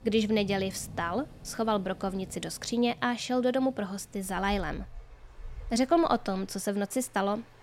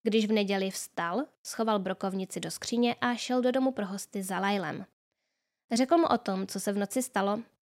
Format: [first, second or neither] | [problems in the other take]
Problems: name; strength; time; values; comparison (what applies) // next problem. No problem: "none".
second | rain or running water; noticeable; throughout; 20 dB below the speech